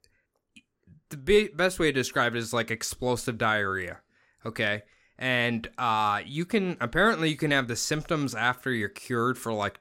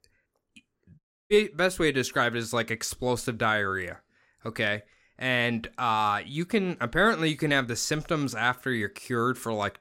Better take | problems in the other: first | audio cutting out; at 1 s

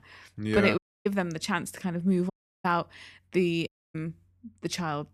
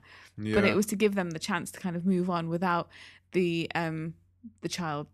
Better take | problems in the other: second | audio cutting out; at 1 s, at 2.5 s and at 3.5 s

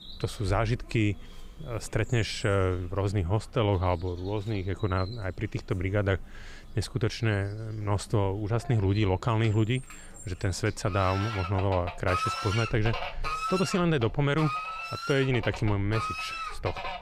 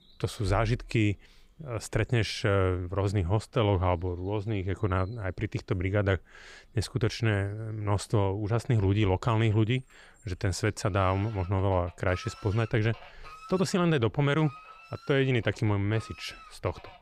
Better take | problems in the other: second | animal sounds; loud; throughout; 7 dB below the speech; faint in the second

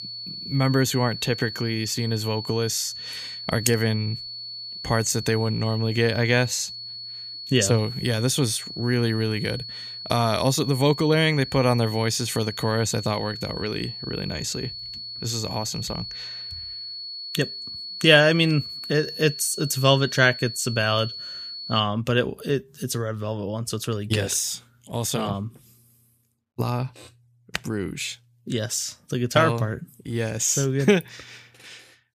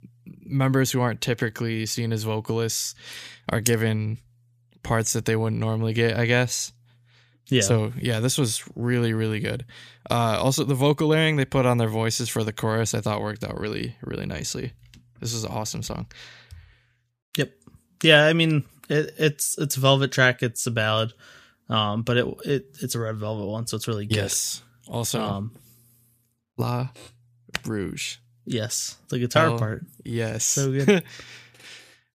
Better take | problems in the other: second | high-pitched whine; loud; until 22 s; 4.5 kHz, 9 dB below the speech

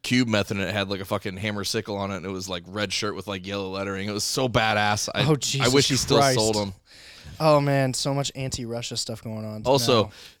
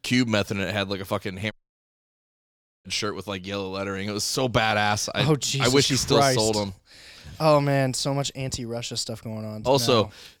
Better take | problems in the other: first | audio cutting out; at 1.5 s for 1.5 s

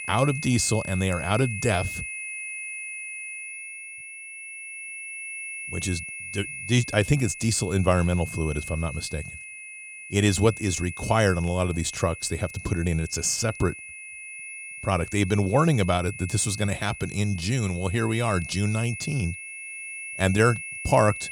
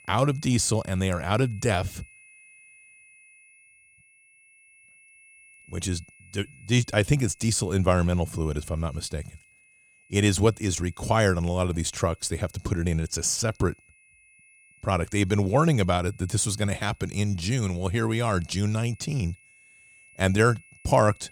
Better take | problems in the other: second | high-pitched whine; loud; throughout; 2.5 kHz, 10 dB below the speech; faint in the second

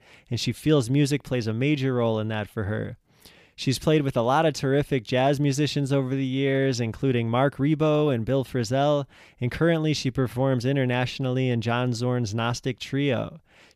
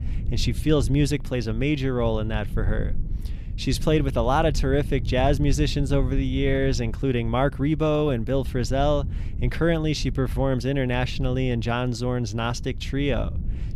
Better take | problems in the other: first | low rumble; faint; throughout; 20 dB below the speech

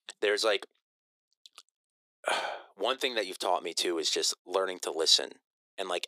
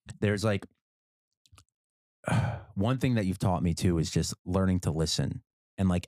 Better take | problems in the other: second | thin; very; fading below 350 Hz

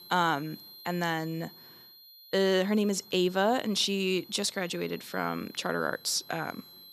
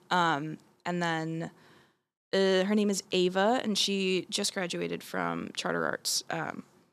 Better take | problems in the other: second | high-pitched whine; noticeable; throughout; 4 kHz, 20 dB below the speech

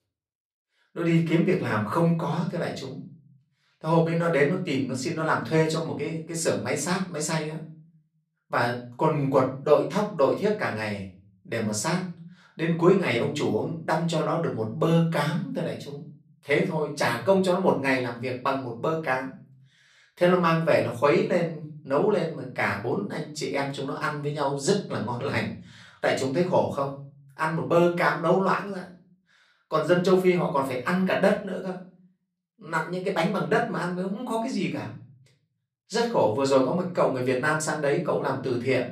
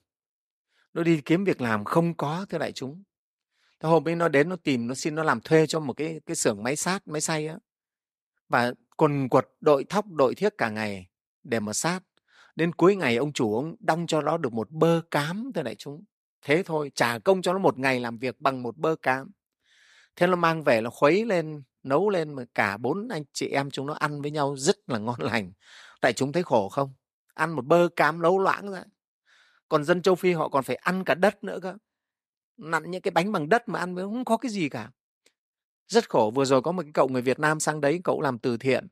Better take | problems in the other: second | off-mic speech; far // room echo; slight; dies away in 0.4 s

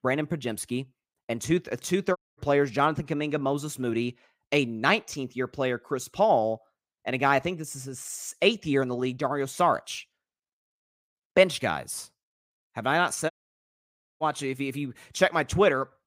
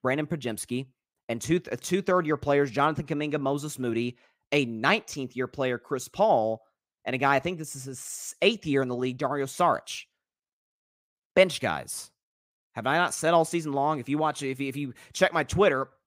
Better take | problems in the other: second | audio cutting out; at 2 s and at 13 s for 1 s

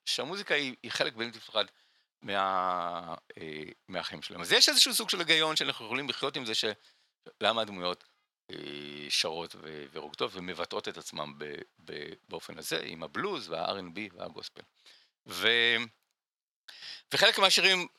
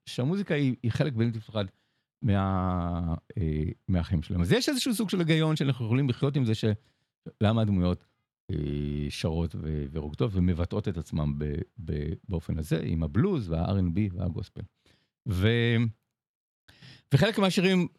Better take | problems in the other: second | thin; very; fading below 750 Hz

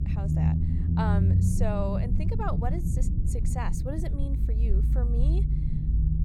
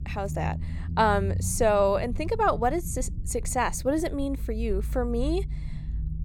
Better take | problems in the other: second | low rumble; loud; throughout; 3 dB below the speech; faint in the second

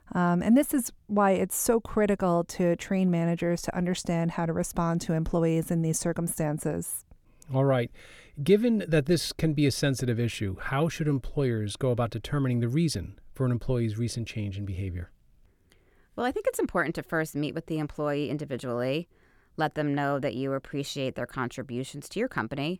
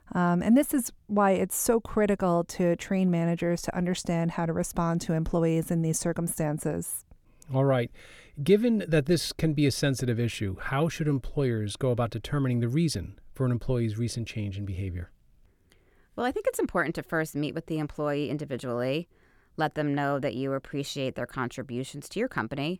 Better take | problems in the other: neither | none

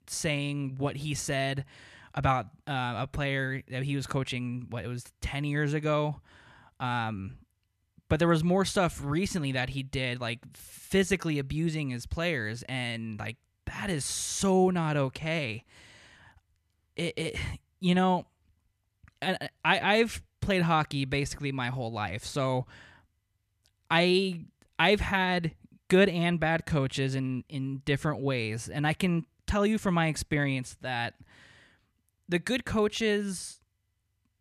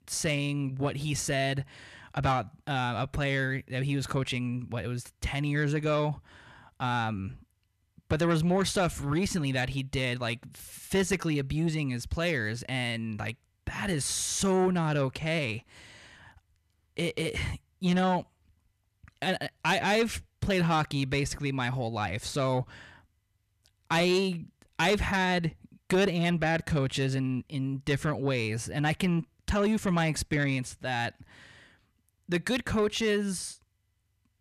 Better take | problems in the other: first | distortion; slight; 10 dB below the speech

